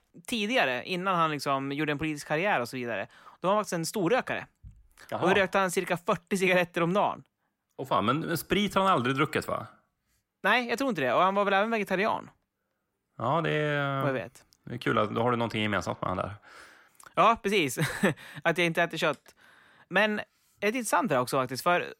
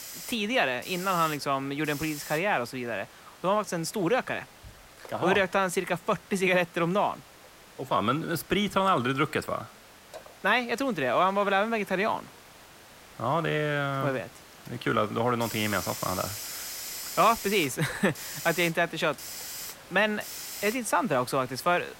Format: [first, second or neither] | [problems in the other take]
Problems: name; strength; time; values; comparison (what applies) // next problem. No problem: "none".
first | hiss; noticeable; throughout; 15 dB below the speech